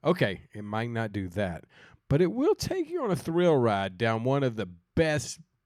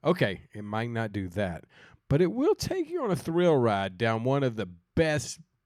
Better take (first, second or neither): neither